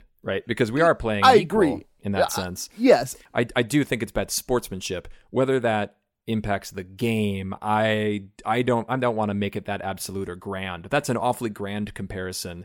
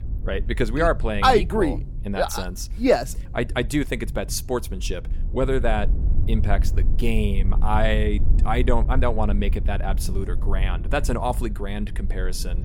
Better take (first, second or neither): first